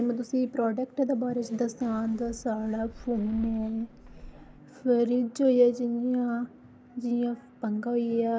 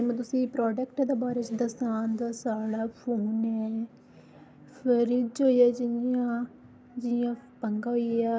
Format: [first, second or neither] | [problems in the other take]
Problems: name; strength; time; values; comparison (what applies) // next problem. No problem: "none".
second | background sound (Fireworks); 18 dB below the speech